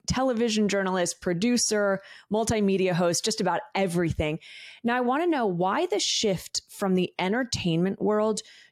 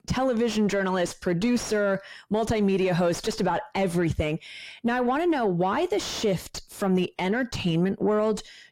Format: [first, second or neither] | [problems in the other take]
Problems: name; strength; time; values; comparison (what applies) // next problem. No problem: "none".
first | distortion; slight; 10 dB below the speech